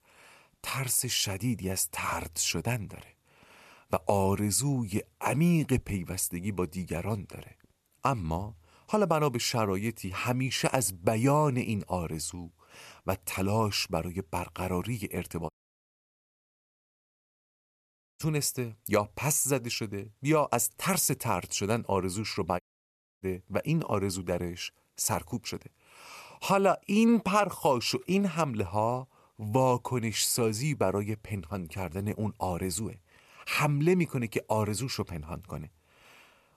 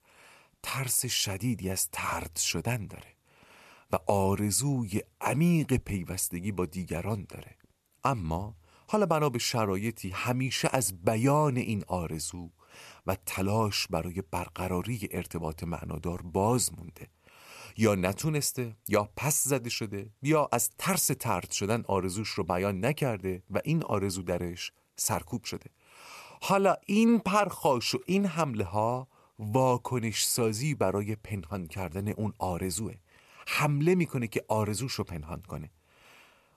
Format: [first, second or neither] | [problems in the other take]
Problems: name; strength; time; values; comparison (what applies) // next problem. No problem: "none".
second | audio cutting out; at 16 s for 2.5 s and at 23 s for 0.5 s